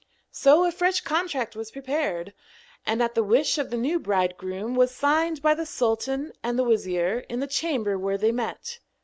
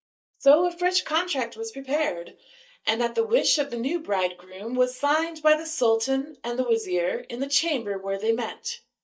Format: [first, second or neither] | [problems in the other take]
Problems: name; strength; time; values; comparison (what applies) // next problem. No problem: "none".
first | noise reduction (neural mask model DeepFilterNet 3)